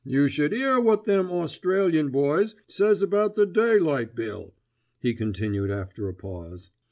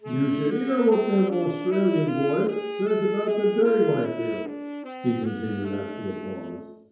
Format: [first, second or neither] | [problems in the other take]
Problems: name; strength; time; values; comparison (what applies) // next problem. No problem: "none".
first | background sound (Wind instrument, woodwind instrument); 10 dB below the speech // room echo; dies away in 1 s